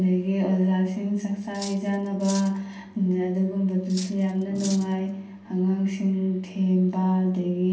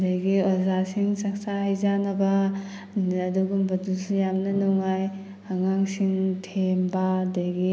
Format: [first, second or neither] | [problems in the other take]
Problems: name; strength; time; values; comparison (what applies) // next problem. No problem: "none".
second | background sound (Cutlery, silverware); 17 dB below the speech // room echo; dies away in 0.3 s